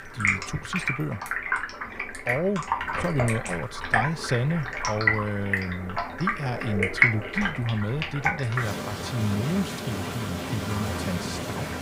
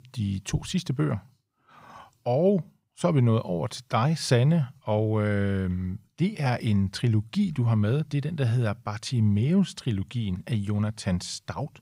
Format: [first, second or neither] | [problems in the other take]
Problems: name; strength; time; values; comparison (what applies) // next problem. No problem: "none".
second | rain or running water; very loud; throughout; 2 dB above the speech